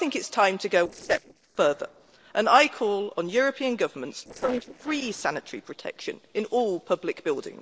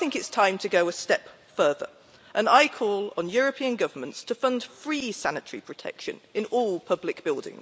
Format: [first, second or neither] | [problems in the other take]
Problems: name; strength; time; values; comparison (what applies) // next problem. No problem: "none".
second | noise reduction (neural separator model SepFormer DNS4)